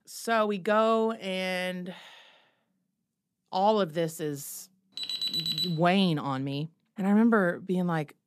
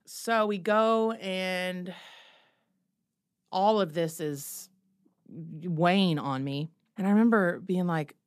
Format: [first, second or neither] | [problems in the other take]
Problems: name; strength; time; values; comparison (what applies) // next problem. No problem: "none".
second | alarm; noticeable; at 5 s; peak level with the speech